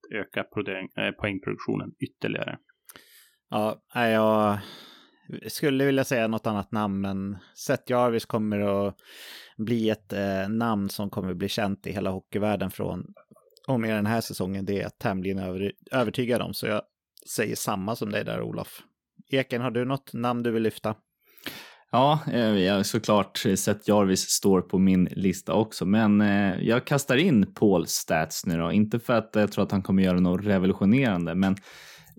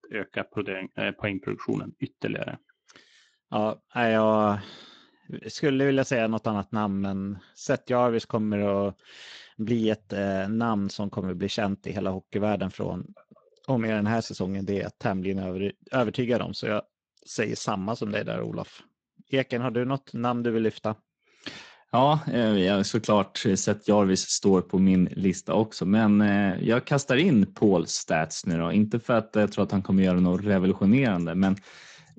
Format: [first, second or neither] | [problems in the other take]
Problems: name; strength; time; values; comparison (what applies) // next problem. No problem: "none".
first | garbled, watery; slightly; nothing above 7.5 kHz